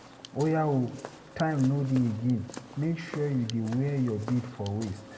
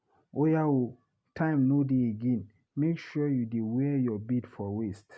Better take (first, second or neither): second